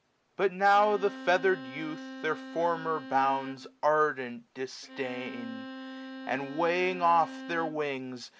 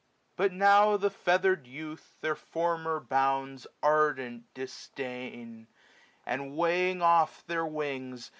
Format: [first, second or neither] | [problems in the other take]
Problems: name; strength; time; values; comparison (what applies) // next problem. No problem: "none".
second | background sound (Bowed string instrument); 13 dB below the speech